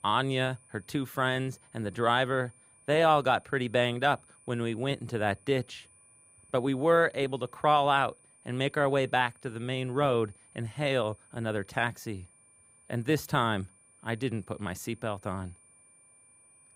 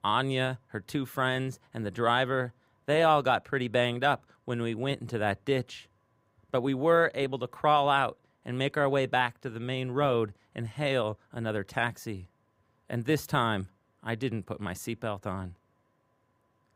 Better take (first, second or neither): second